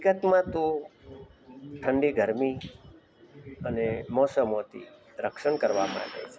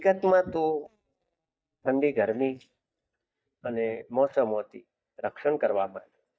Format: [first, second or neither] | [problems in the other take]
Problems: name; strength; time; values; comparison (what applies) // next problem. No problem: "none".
first | noise reduction (neural mask model DeepFilterNet 3)